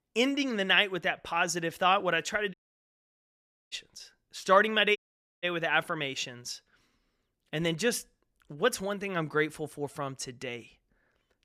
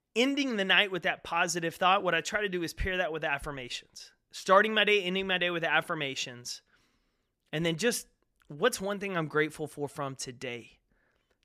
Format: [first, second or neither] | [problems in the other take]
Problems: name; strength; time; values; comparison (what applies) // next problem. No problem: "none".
second | audio cutting out; at 2.5 s for 1 s and at 5 s